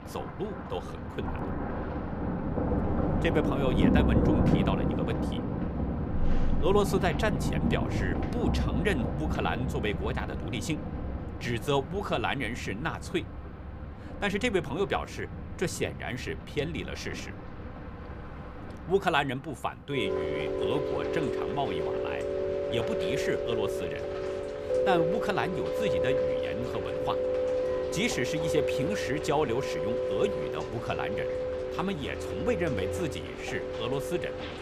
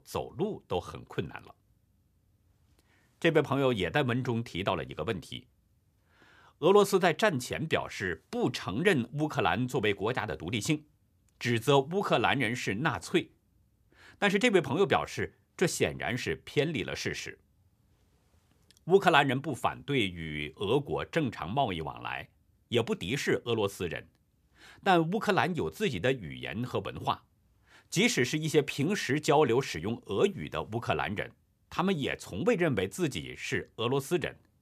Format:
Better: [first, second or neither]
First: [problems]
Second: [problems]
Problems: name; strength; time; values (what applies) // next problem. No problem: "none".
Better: second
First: rain or running water; very loud; throughout; 1 dB above the speech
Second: none